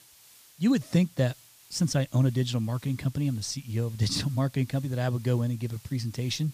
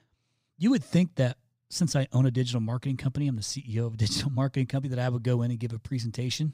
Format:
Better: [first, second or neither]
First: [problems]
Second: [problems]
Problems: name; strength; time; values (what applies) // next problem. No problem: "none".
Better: second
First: hiss; faint; throughout; 25 dB below the speech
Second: none